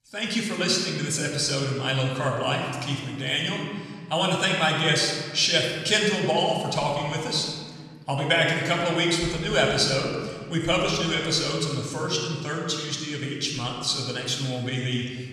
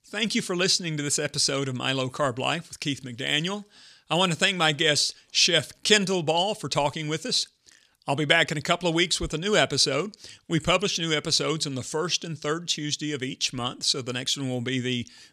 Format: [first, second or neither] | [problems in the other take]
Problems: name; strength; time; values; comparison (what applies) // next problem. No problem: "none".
second | off-mic speech; far // room echo; noticeable; dies away in 1.7 s